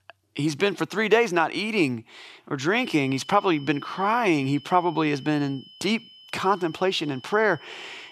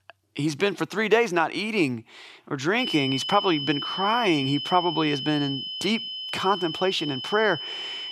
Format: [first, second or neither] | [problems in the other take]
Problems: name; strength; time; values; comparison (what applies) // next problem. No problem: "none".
first | high-pitched whine; loud; from 3 s on; 3 kHz, 5 dB below the speech; faint in the first